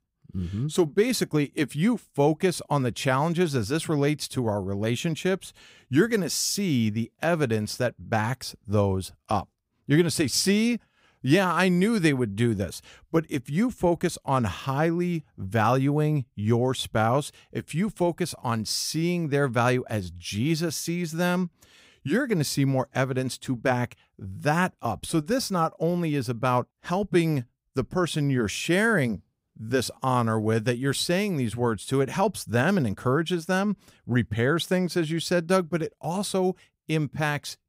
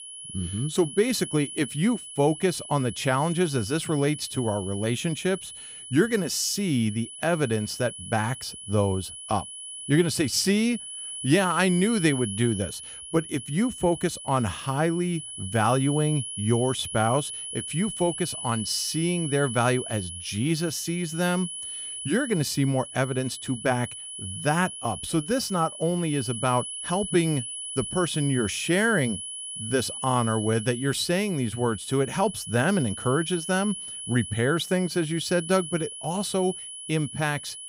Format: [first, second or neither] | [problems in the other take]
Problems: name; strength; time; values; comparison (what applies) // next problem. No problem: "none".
first | high-pitched whine; loud; throughout; 10.5 kHz, 9 dB below the speech